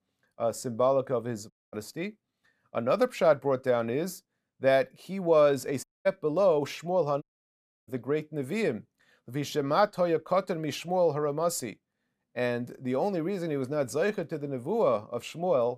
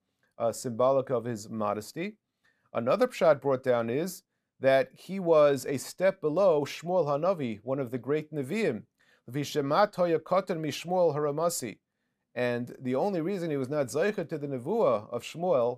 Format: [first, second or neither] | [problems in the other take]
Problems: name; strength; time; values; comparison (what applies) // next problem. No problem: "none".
second | audio cutting out; at 1.5 s, at 6 s and at 7 s for 0.5 s